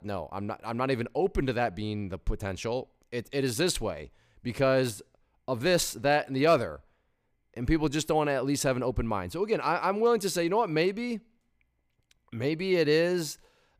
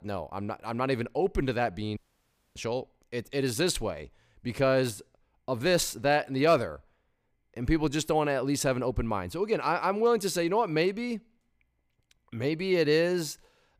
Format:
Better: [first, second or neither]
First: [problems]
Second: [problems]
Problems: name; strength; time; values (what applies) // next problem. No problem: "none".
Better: first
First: none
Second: audio cutting out; at 2 s for 0.5 s